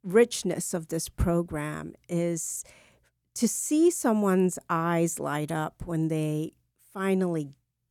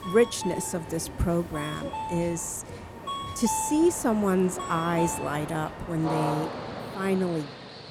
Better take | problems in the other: first | train or aircraft noise; loud; throughout; 8 dB below the speech

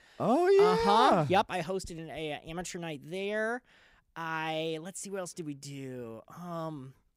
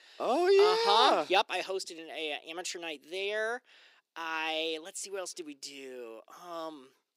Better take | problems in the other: first | thin; somewhat; fading below 350 Hz

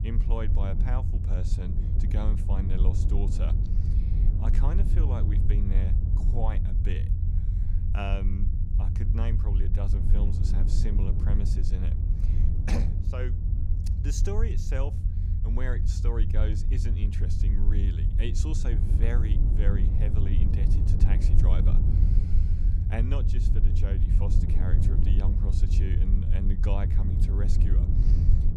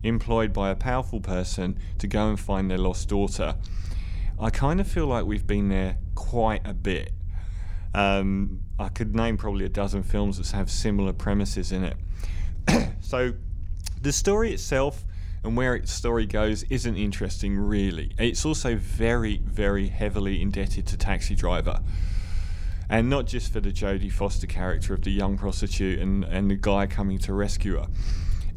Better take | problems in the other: second | low rumble; loud; throughout; 2 dB below the speech; faint in the second

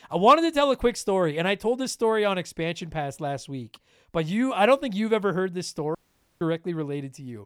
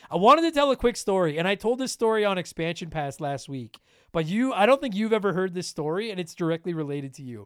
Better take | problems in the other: second | audio cutting out; at 6 s

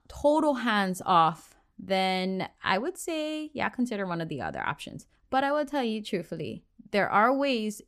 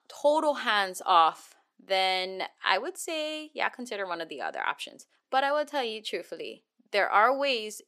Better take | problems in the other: first | thin; somewhat; fading below 400 Hz

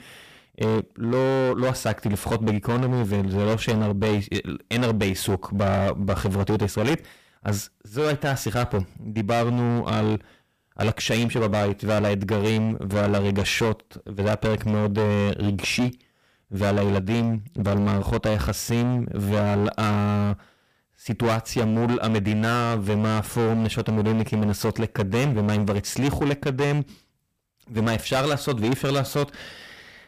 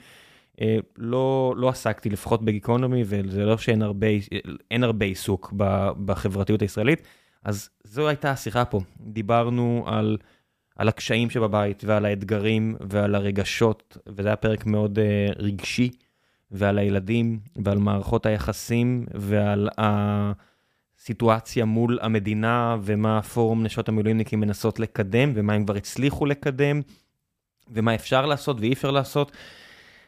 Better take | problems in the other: second | distortion; heavy; 20% of the sound clipped

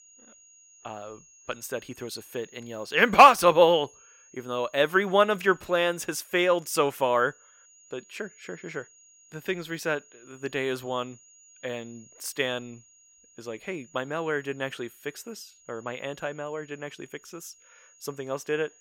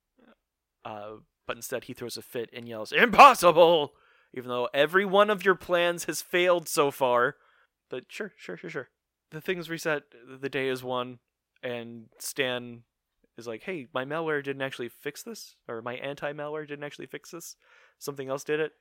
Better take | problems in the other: second | high-pitched whine; faint; throughout; 6.5 kHz, 30 dB below the speech

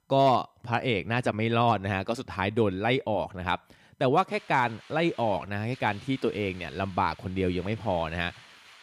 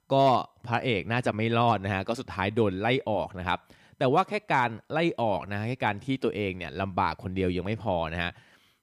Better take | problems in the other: second | hiss; faint; from 4.5 s on; 25 dB below the speech

